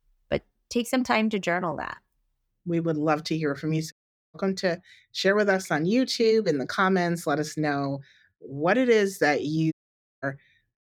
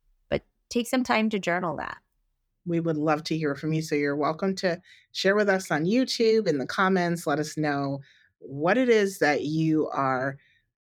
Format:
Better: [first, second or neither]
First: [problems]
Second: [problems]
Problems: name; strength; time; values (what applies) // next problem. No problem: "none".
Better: second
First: audio cutting out; at 4 s and at 9.5 s for 0.5 s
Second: none